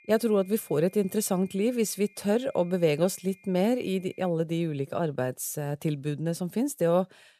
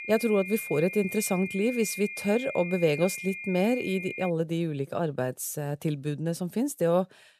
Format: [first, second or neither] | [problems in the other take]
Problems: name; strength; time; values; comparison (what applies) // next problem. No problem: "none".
first | high-pitched whine; loud; until 4.5 s; 2.5 kHz, 8 dB below the speech; faint in the first